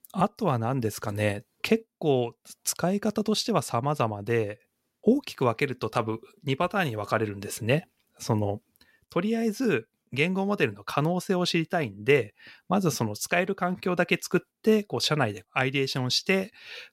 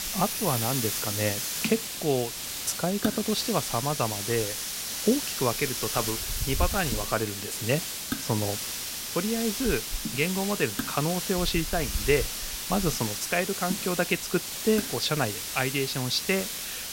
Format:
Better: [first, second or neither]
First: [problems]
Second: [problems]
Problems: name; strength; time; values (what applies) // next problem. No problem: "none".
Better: first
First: none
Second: hiss; loud; throughout; 2 dB below the speech